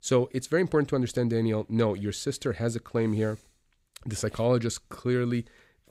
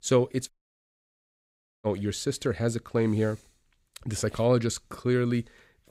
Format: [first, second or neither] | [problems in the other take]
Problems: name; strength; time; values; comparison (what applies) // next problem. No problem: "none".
first | audio cutting out; at 0.5 s for 1.5 s